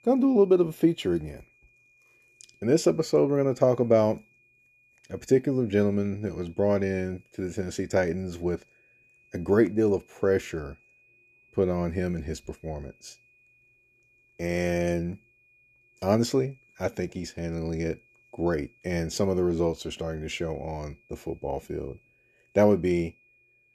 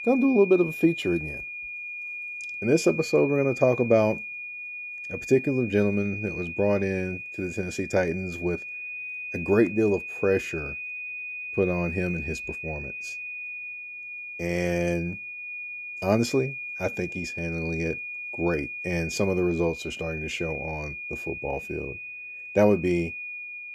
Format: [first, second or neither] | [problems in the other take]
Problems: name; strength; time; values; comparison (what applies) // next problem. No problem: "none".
first | high-pitched whine; loud; throughout; 2.5 kHz, 8 dB below the speech; faint in the first